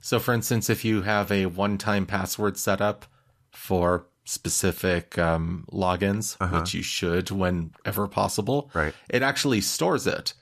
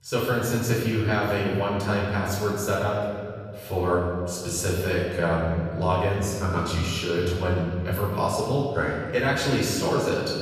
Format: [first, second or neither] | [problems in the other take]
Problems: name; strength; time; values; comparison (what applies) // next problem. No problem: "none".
first | off-mic speech; far // room echo; noticeable; dies away in 2.4 s